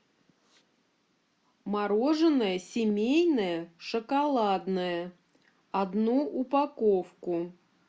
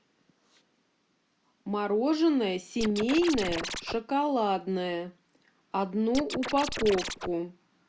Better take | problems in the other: first | background sound (Scratching (performance technique)); 6 dB below the speech

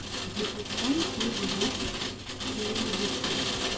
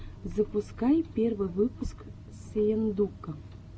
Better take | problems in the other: second | background sound (Rain); 3 dB above the speech // room echo; dies away in 0.2 s

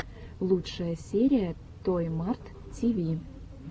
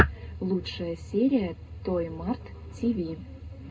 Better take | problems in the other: first | room echo; dies away in 0.2 s

